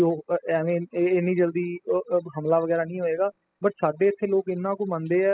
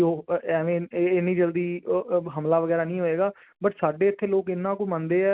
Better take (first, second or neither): second